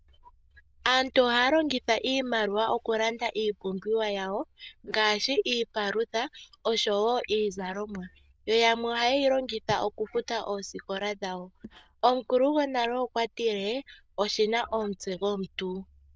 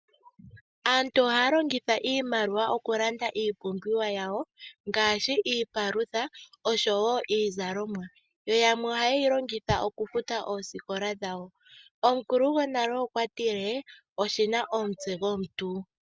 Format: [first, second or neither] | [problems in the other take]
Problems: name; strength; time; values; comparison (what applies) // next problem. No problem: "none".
second | noise reduction (neural diffusion model UNIVERSE++)